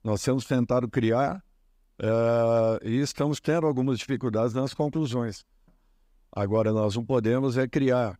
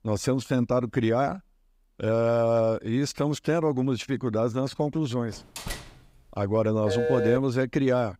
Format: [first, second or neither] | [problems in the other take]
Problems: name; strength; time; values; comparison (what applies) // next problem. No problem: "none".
first | door banging; faint; at 5.5 s; peak 10 dB below the speech // phone ringing; noticeable; at 7 s; peak level with the speech